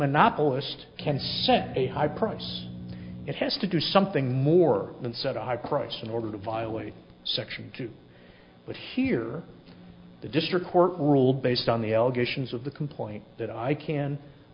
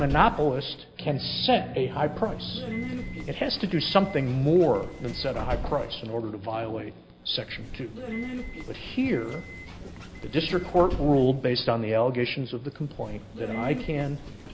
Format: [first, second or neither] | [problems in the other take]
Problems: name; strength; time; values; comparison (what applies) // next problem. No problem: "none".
first | background sound (Subway, metro, underground); 10 dB below the speech